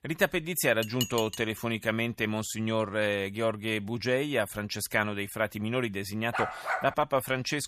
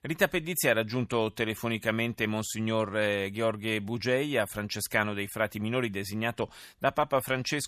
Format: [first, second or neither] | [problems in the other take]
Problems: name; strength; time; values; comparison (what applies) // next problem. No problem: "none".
second | clattering dishes; noticeable; at 1 s; peak 4 dB below the speech // dog barking; noticeable; at 6.5 s; peak 1 dB below the speech